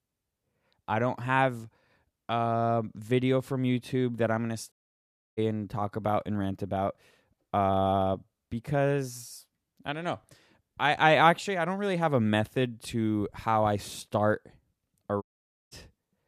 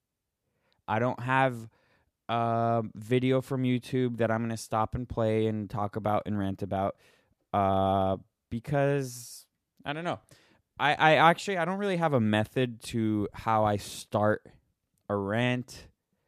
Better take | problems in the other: second | audio cutting out; at 4.5 s for 0.5 s and at 15 s

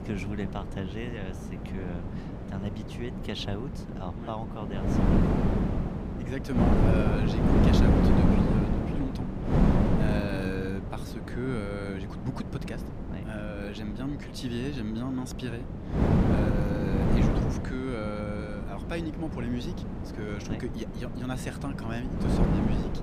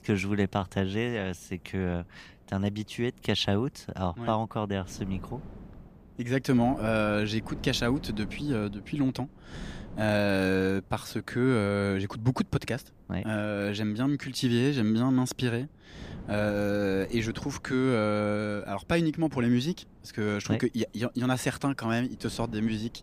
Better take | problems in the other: second | wind noise on the microphone; heavy; 3 dB above the speech; occasional gusts in the second

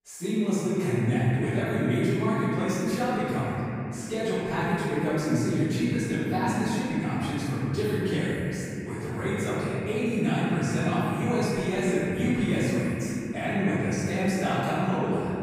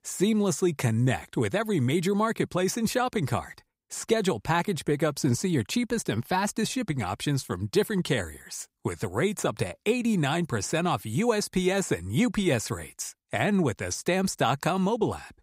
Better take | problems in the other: second | off-mic speech; far // room echo; strong; dies away in 3 s

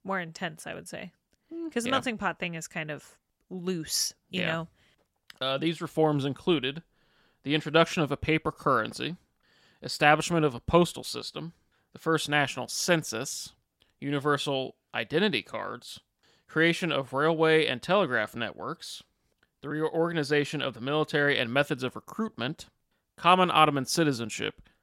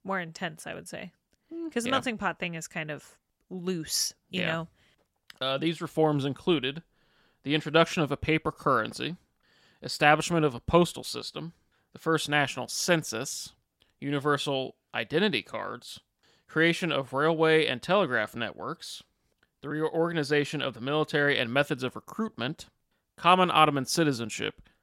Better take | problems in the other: neither | none

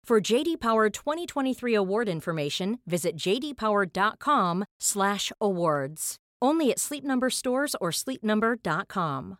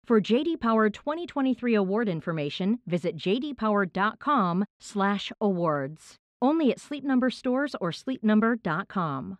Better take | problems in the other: first | muffled; slightly; fading above 3 kHz

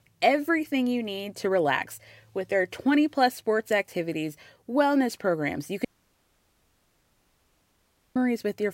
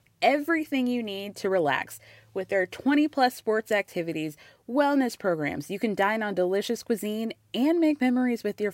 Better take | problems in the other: second | audio cutting out; at 6 s for 2.5 s

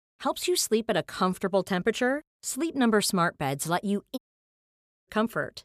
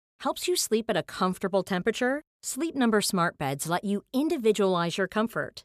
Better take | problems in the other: second | audio cutting out; at 4 s for 1 s

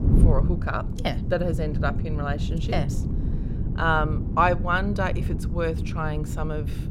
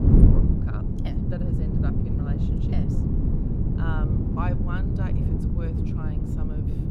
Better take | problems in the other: first | wind noise on the microphone; heavy; 5 dB above the speech; occasional gusts in the first

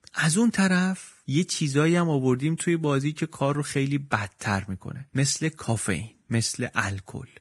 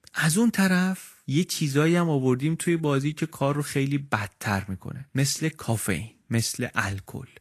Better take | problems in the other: second | garbled, watery; badly; nothing above 10.5 kHz; slightly in the second

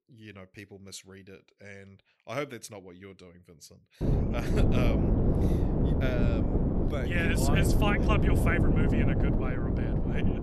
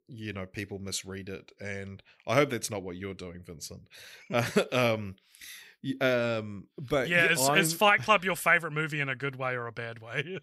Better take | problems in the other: second | wind noise on the microphone; heavy; from 4 s on; as loud as the speech

